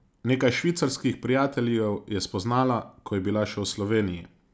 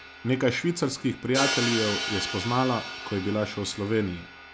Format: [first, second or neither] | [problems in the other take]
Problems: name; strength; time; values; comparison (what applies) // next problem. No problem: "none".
first | background sound (Crash cymbal); 6 dB below the speech